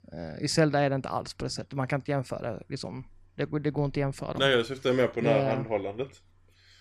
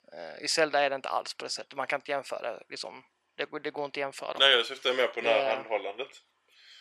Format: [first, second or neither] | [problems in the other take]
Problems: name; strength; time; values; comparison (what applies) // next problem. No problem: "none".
first | thin; very; fading below 650 Hz